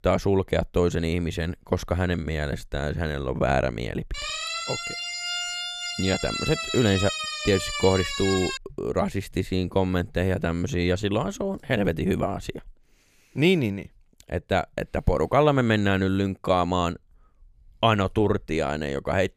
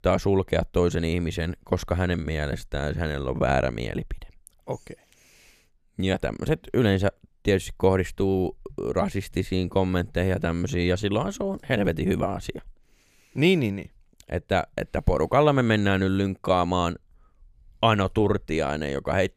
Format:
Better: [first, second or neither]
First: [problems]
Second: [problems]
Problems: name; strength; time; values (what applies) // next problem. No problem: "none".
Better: second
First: siren; noticeable; from 4 to 8.5 s; peak 2 dB below the speech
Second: none